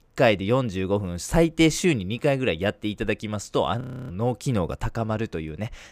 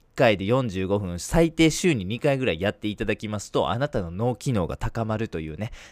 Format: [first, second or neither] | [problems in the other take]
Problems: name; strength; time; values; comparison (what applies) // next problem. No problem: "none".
second | audio freezing; at 4 s